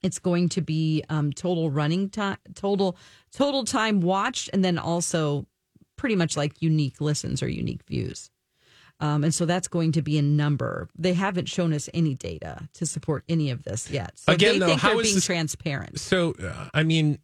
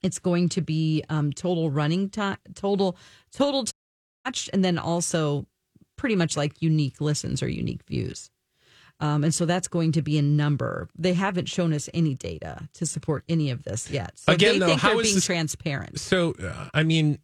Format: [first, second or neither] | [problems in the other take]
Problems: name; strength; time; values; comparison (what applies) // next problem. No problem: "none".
first | audio cutting out; at 3.5 s for 0.5 s